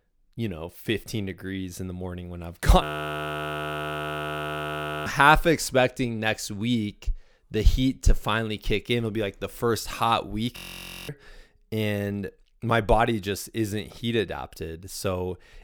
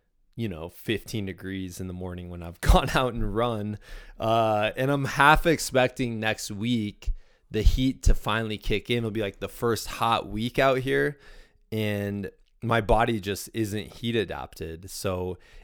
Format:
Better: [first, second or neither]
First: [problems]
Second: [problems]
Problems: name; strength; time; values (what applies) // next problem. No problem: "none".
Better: second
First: audio freezing; at 3 s for 2 s and at 11 s for 0.5 s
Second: none